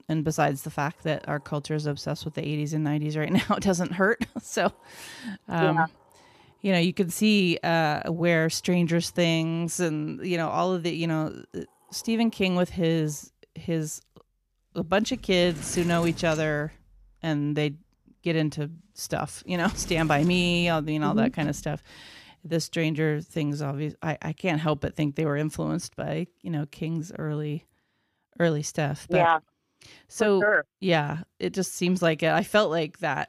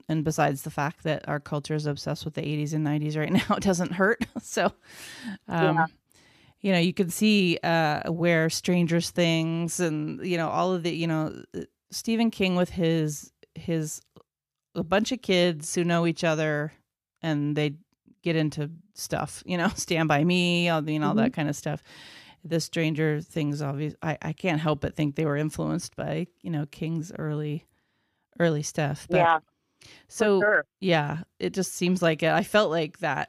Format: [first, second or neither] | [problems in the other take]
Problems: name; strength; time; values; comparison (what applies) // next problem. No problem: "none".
second | household noises; noticeable; until 23 s; 20 dB below the speech